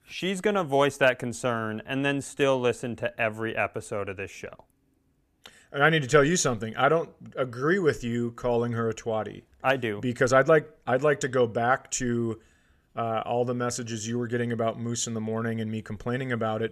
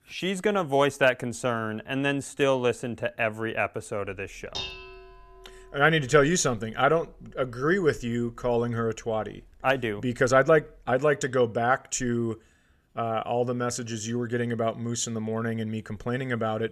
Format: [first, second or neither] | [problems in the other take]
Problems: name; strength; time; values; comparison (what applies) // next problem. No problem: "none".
first | clattering dishes; noticeable; from 4.5 to 11 s; peak 7 dB below the speech